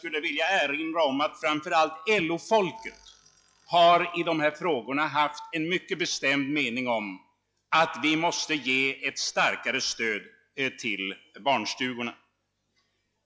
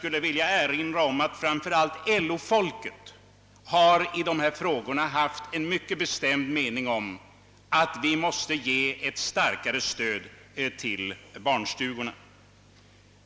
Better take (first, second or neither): second